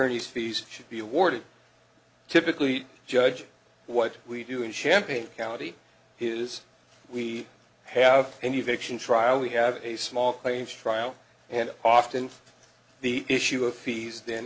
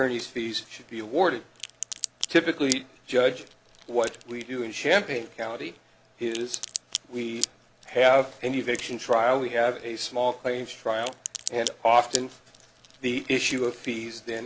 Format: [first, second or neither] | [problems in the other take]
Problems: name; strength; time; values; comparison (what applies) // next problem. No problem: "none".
first | background sound (Crack); 13 dB below the speech